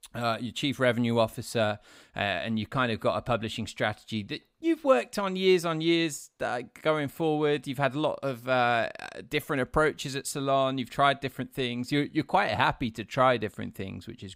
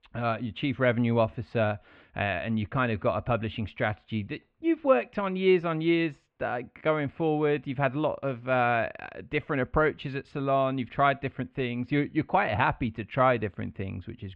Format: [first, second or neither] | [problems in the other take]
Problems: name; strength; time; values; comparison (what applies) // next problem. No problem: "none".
first | muffled; very; fading above 2.5 kHz